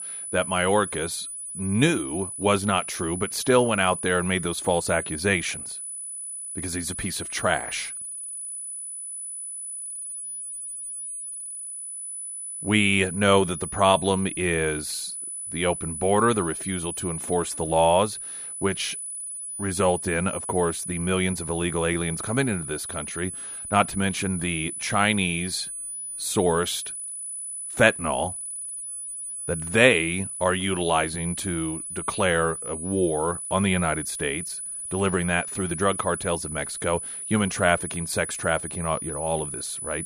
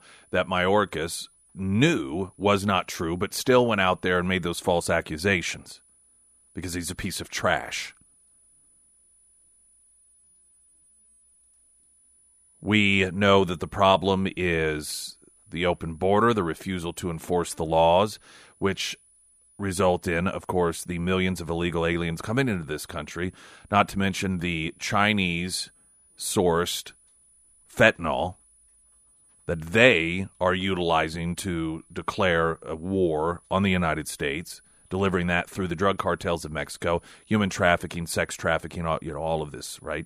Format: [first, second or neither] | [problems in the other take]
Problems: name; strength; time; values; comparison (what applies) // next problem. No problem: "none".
second | high-pitched whine; loud; throughout; 10 kHz, 7 dB below the speech; faint in the second